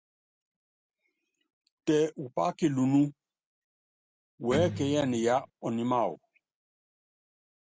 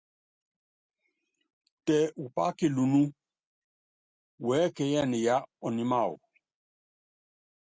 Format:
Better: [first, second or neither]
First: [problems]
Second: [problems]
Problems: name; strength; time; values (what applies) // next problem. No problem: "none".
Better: second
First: background sound (Electric guitar); 5 dB below the speech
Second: none